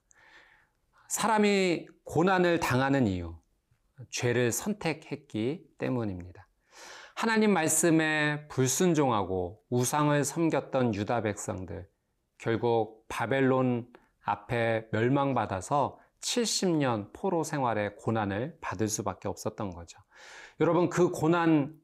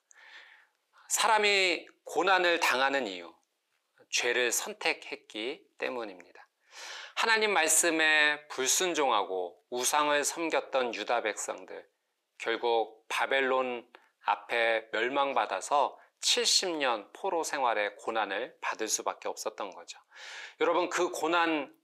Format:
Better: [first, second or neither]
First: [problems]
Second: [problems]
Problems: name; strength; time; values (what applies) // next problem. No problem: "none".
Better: first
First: none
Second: thin; very; fading below 450 Hz